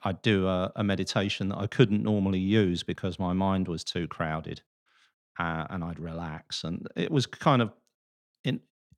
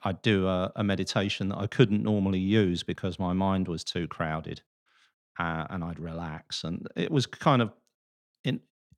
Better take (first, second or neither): neither